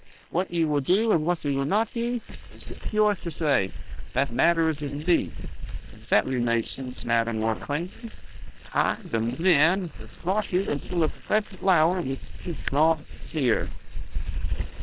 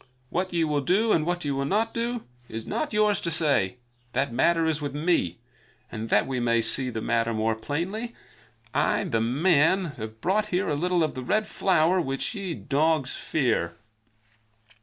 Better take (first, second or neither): second